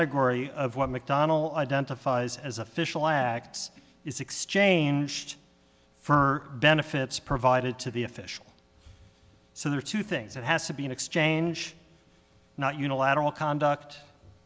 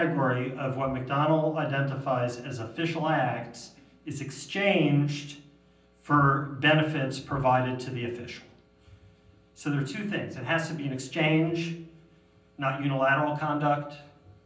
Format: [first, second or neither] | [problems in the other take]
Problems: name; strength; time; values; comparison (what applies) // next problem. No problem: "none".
first | room echo; dies away in 0.6 s